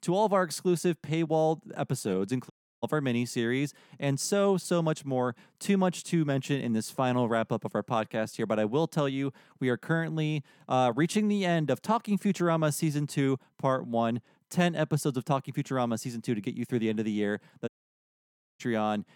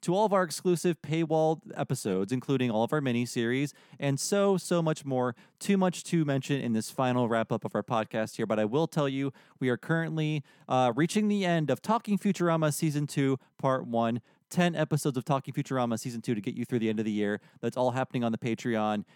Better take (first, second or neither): second